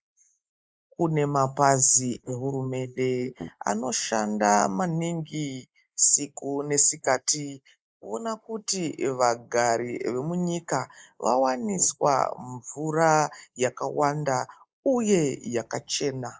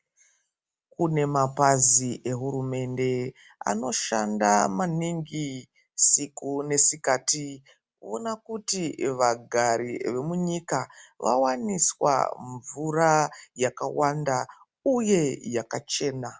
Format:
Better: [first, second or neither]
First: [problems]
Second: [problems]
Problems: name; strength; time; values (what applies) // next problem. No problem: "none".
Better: second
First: noise reduction (neural mask model Resemble Enhance denoiser)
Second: none